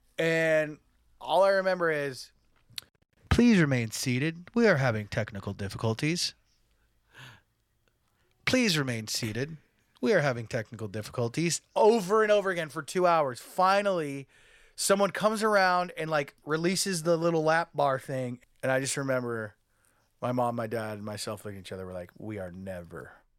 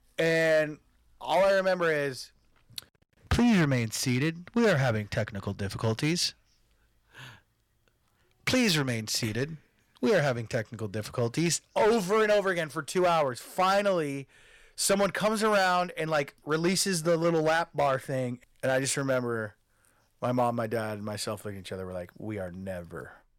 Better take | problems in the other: first | distortion; slight; 5% of the sound clipped

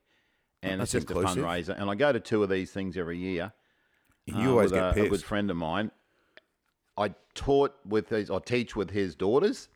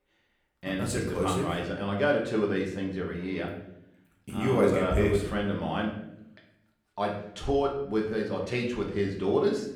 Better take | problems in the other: first | room echo; noticeable; dies away in 0.6 s // off-mic speech; somewhat distant

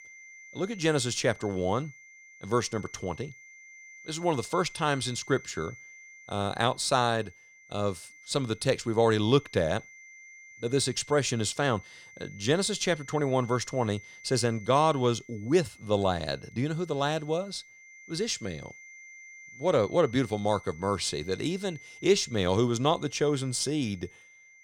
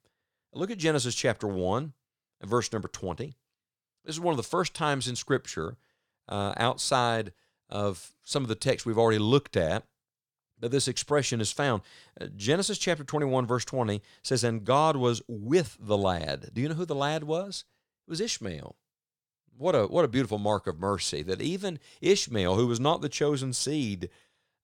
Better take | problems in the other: second | high-pitched whine; noticeable; throughout; 2 kHz, 20 dB below the speech

